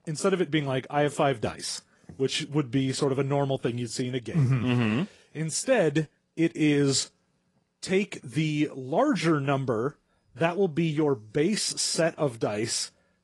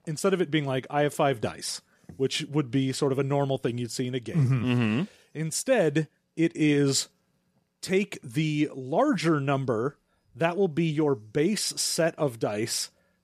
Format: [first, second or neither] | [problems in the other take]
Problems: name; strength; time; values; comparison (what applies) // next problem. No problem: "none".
second | garbled, watery; slightly; nothing above 10.5 kHz